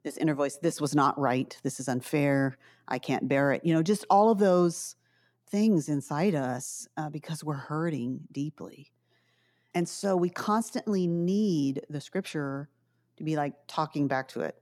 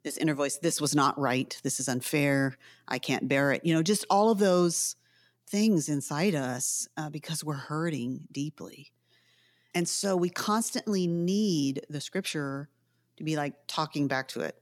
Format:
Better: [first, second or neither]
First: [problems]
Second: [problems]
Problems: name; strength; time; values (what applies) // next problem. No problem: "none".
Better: second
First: muffled; slightly; fading above 2 kHz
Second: none